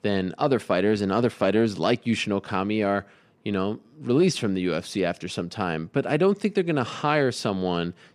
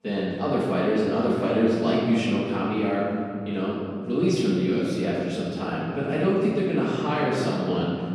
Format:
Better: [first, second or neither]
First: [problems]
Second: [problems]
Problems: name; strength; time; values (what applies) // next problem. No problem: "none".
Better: first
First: none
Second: room echo; strong; dies away in 2.8 s // off-mic speech; far